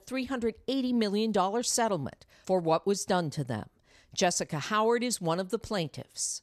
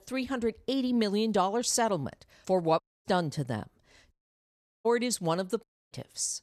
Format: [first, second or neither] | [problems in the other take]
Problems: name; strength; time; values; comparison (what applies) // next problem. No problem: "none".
first | audio cutting out; at 3 s, at 4 s for 0.5 s and at 5.5 s